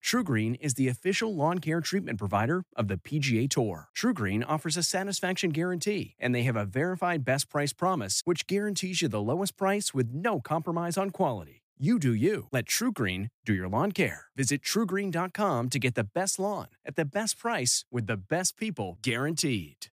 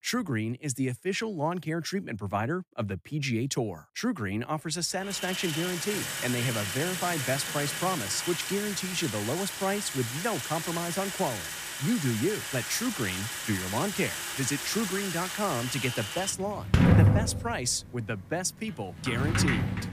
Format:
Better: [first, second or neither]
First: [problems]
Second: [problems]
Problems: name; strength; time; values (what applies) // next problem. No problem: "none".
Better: first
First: none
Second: household noises; very loud; from 4.5 s on; 1 dB above the speech